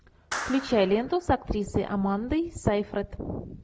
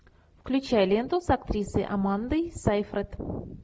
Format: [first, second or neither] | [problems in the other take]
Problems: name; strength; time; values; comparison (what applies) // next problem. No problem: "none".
second | background sound (Clapping); 15 dB below the speech